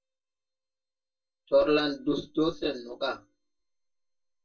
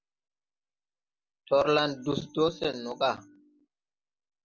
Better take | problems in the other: second | noise reduction (neural mask model DeepFilterNet 3)

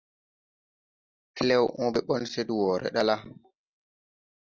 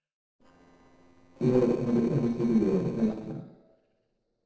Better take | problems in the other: first | noise reduction (neural separator model SepFormer DNS4)

